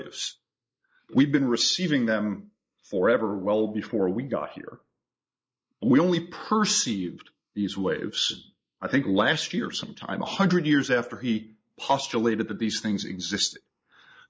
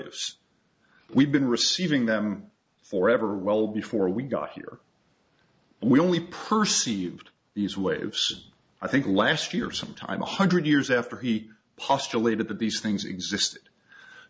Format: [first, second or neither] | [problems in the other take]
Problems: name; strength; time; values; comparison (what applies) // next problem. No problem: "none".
second | noise reduction (neural mask model Resemble Enhance denoiser)